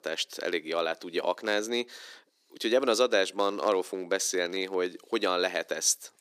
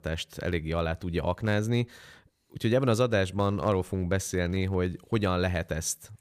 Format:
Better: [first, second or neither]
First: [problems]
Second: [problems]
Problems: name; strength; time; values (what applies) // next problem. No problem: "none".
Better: second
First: thin; somewhat; fading below 300 Hz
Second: none